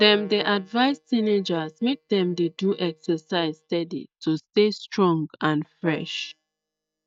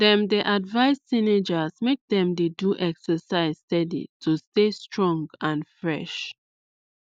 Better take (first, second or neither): second